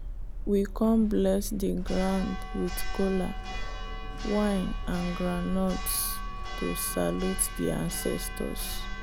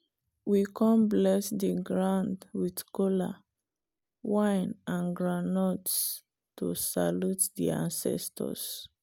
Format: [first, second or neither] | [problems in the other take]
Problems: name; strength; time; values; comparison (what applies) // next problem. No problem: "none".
second | background sound (Church bell); 4 dB below the speech